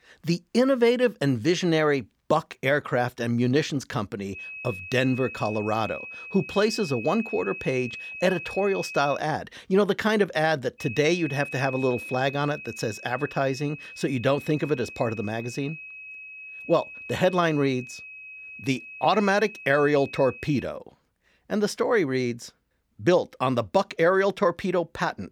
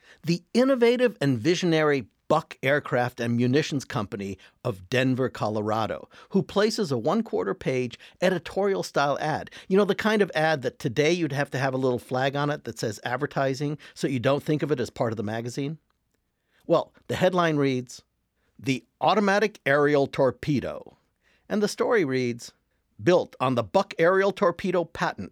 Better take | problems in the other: second | high-pitched whine; noticeable; from 4.5 to 9 s and from 11 to 21 s; 2.5 kHz, 10 dB below the speech

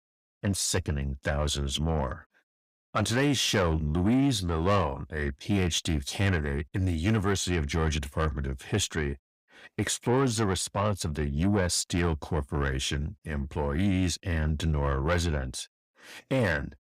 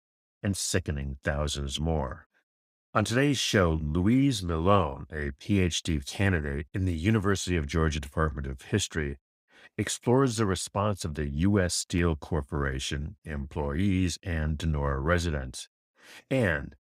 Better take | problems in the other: second | distortion; slight; 10 dB below the speech

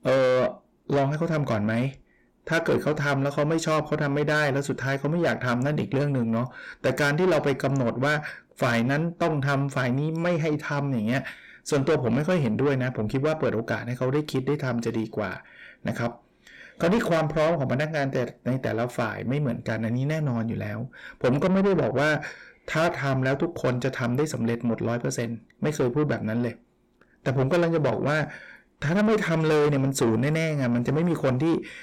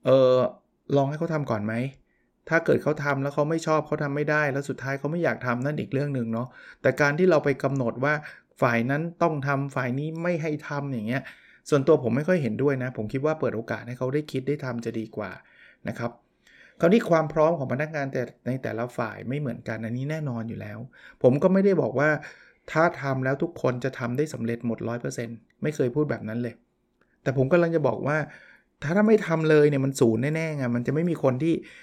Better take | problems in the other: second | distortion; heavy; 7 dB below the speech

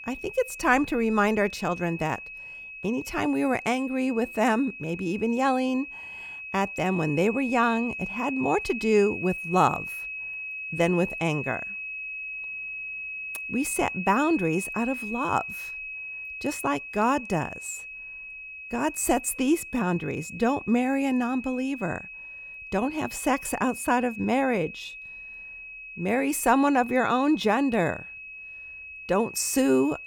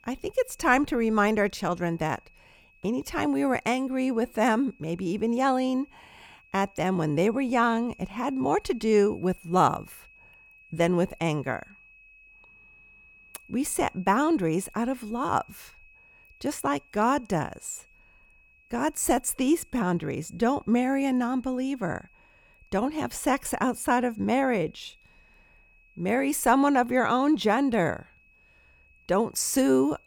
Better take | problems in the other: second | high-pitched whine; loud; throughout; 2.5 kHz, 10 dB below the speech; faint in the second

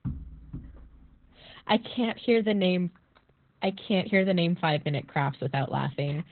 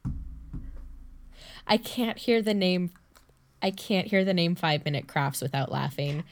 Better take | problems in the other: second | garbled, watery; badly; nothing above 4 kHz

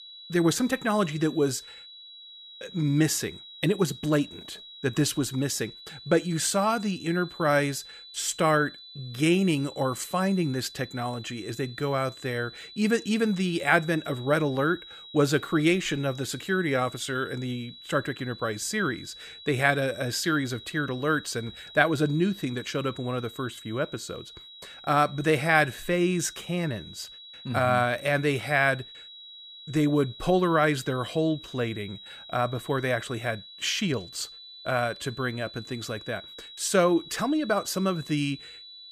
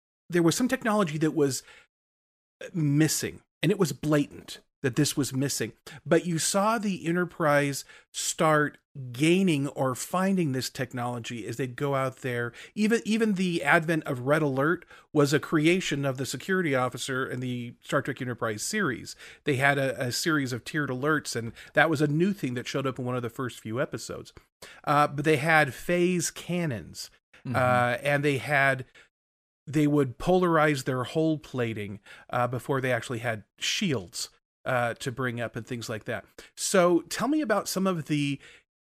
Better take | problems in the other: second | high-pitched whine; noticeable; throughout; 4 kHz, 15 dB below the speech

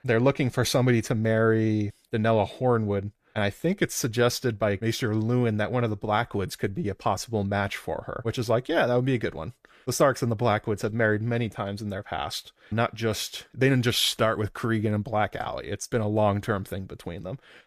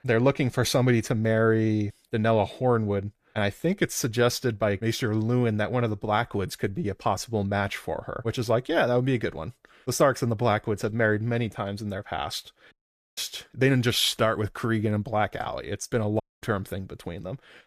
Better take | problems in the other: first | audio cutting out; at 13 s and at 16 s

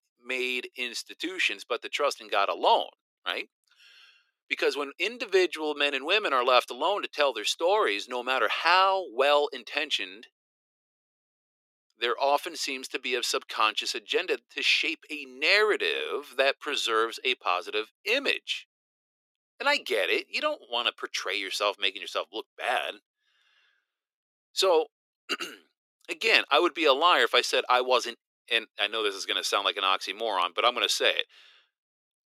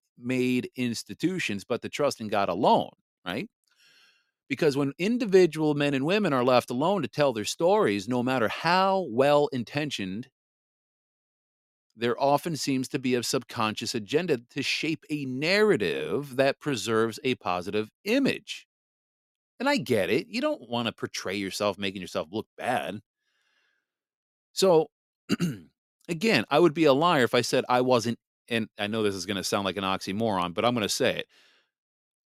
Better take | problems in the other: second | thin; very; fading below 350 Hz

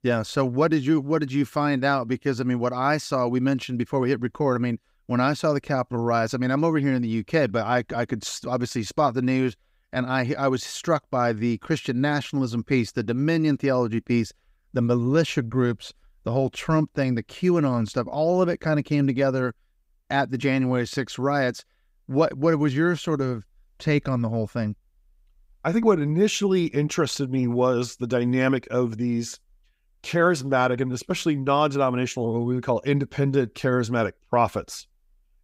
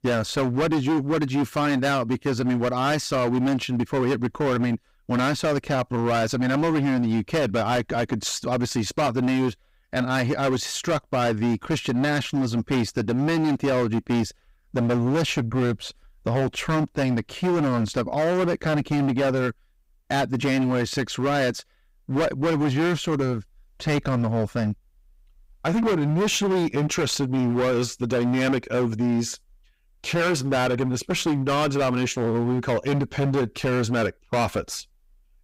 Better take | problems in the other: first | distortion; heavy; 21% of the sound clipped

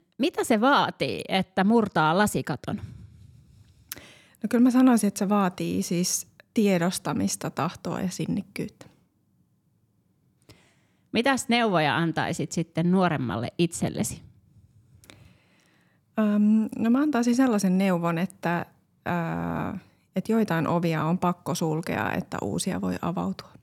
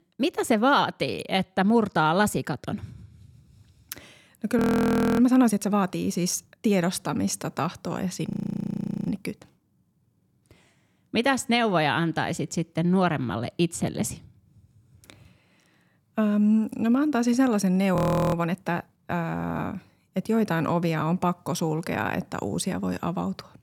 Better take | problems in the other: first | audio freezing; at 4.5 s for 0.5 s, at 8.5 s for 1 s and at 18 s

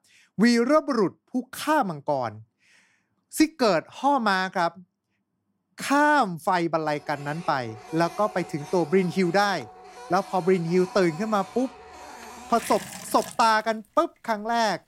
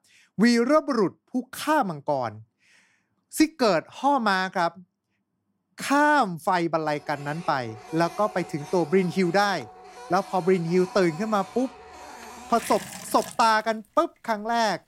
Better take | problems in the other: neither | household noises; noticeable; from 7 s on; 15 dB below the speech; the same in both

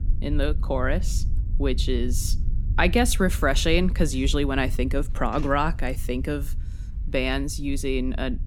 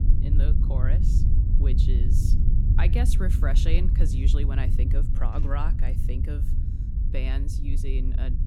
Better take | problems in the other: first | low rumble; loud; throughout; 3 dB below the speech; faint in the first

